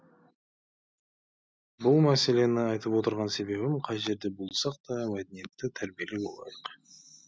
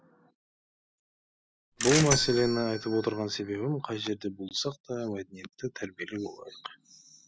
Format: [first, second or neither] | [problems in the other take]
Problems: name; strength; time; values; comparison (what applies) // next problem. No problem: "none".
first | background sound (Bell / Mechanisms); 3 dB below the speech